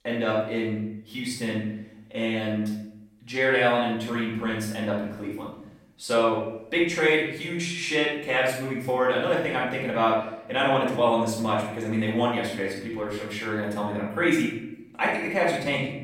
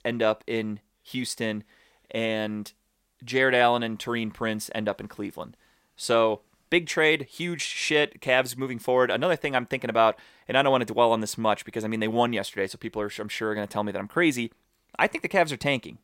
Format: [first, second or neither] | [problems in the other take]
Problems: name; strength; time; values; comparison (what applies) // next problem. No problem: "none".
second | off-mic speech; far // room echo; noticeable; dies away in 0.7 s